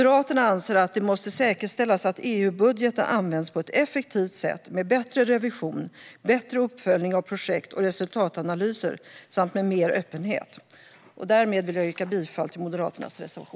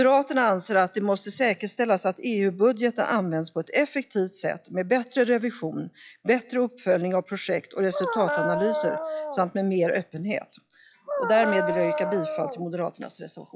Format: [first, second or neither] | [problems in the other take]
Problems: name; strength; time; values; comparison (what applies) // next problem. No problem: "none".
first | noise reduction (classical method log-MMSE)